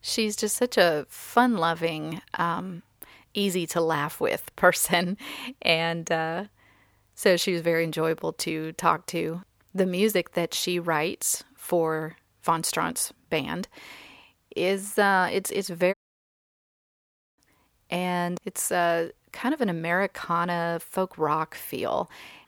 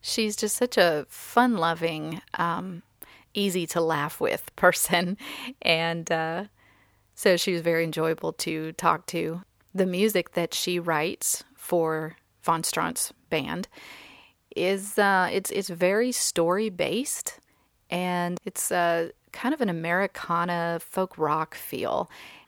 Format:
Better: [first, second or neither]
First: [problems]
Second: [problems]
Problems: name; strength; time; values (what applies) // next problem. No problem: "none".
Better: second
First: audio cutting out; at 16 s for 1.5 s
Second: none